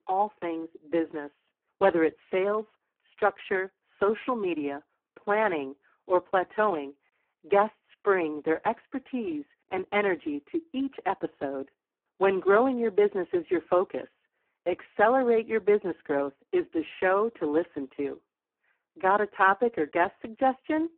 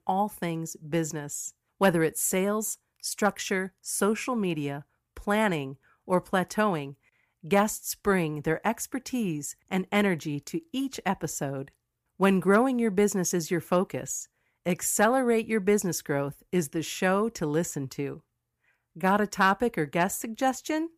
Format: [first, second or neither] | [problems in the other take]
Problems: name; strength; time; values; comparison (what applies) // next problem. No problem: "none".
second | phone-call audio; poor line